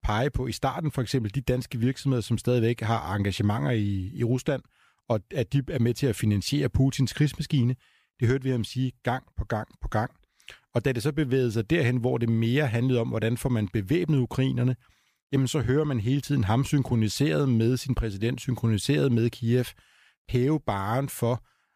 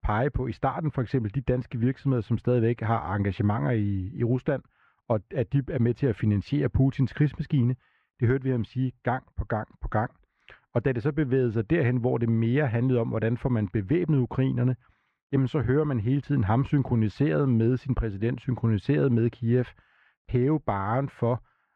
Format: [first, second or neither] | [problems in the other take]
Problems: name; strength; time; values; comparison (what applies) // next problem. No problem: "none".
first | muffled; very; fading above 1.5 kHz